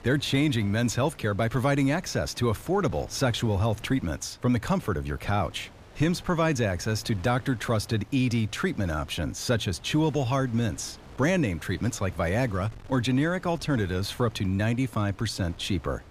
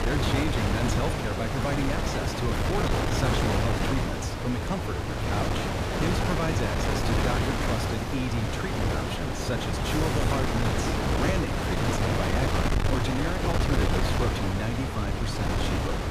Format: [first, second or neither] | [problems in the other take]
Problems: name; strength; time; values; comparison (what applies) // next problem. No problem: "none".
first | wind noise on the microphone; heavy; 5 dB above the speech; occasional gusts in the first